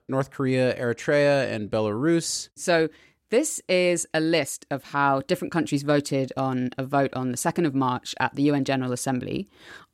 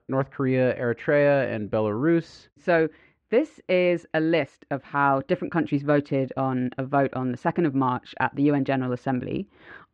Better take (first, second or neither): first